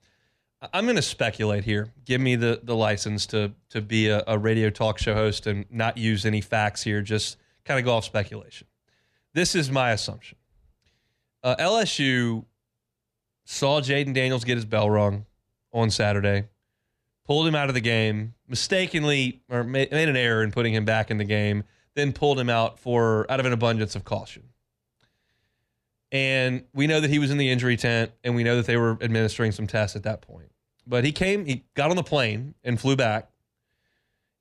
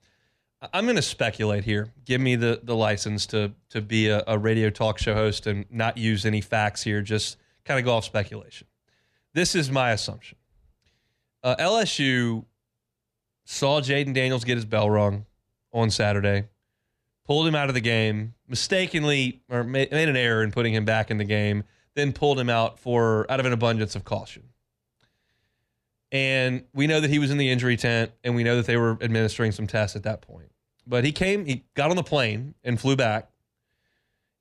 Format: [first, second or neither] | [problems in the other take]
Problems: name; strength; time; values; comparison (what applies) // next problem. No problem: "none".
neither | none